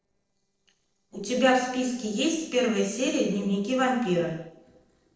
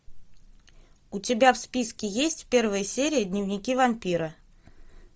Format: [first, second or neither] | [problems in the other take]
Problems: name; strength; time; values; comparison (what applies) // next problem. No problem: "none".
second | noise reduction (neural separator model SepFormer DNS4)